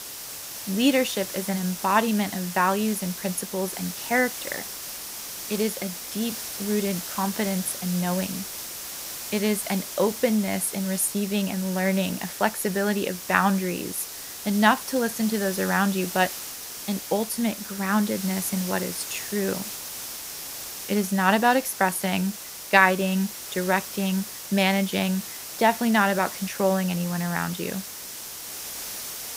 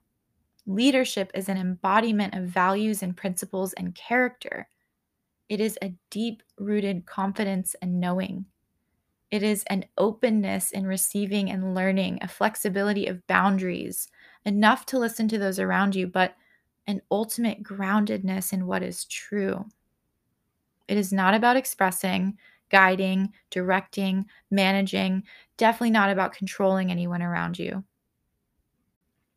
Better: second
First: hiss; loud; throughout; 8 dB below the speech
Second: none

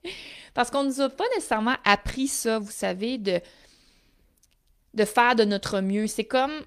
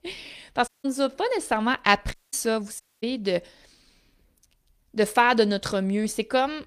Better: first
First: none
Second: audio cutting out; at 0.5 s, at 2 s and at 3 s

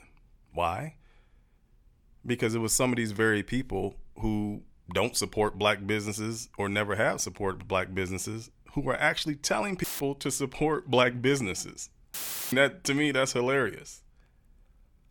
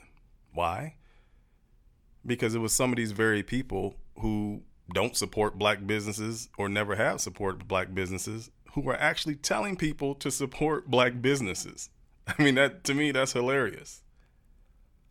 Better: second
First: audio cutting out; filled with static; at 10 s and at 12 s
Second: none

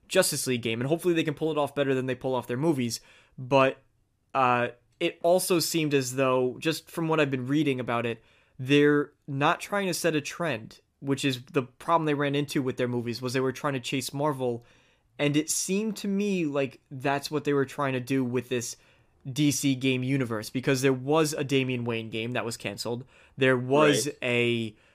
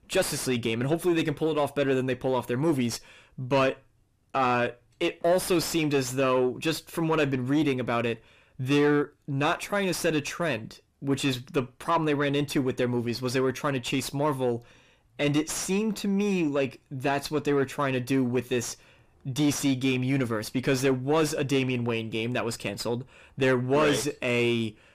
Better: first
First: none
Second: distortion; slight; 9 dB below the speech

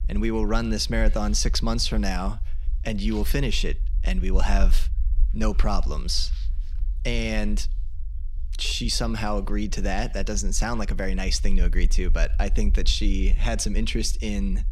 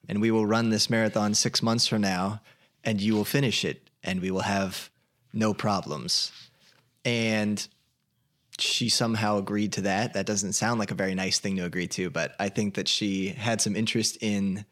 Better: second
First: low rumble; faint; throughout; 25 dB below the speech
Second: none

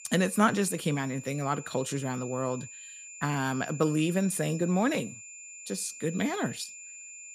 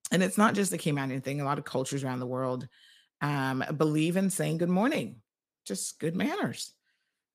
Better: second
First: high-pitched whine; noticeable; throughout; 7 kHz, 15 dB below the speech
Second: none

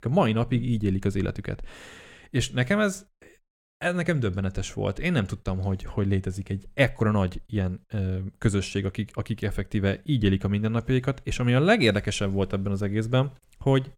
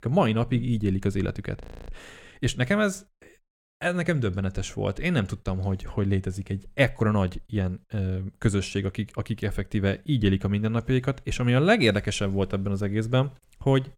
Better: first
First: none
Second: audio freezing; at 1.5 s

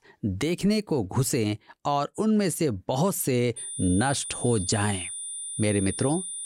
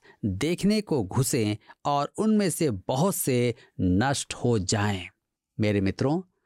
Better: second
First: high-pitched whine; loud; from 3.5 s on; 9.5 kHz, 6 dB below the speech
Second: none

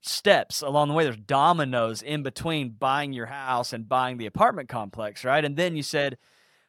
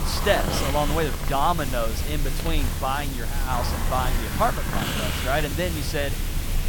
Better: first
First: none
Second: hiss; loud; throughout; as loud as the speech

